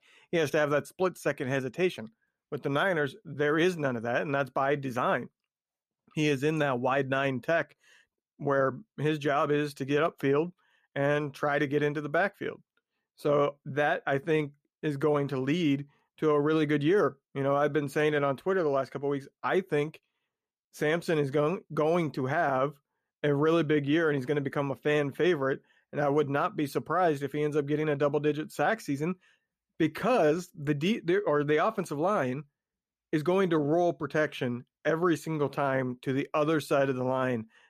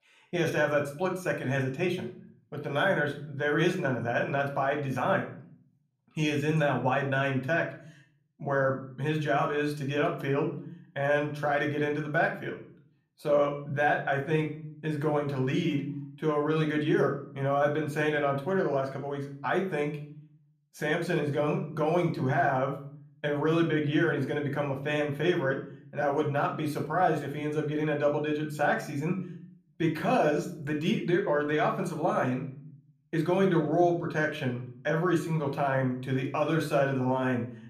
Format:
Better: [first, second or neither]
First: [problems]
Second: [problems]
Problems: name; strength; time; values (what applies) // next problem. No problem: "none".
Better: first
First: none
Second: room echo; slight; dies away in 0.5 s // off-mic speech; somewhat distant